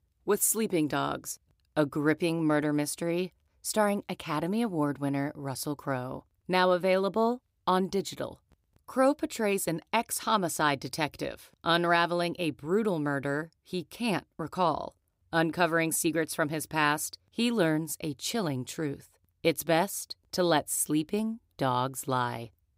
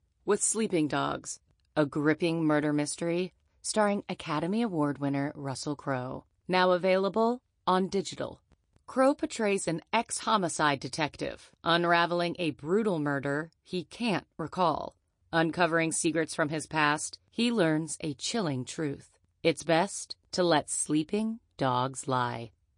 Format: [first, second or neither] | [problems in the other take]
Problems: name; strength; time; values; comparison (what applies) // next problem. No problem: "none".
first | garbled, watery; slightly; nothing above 10 kHz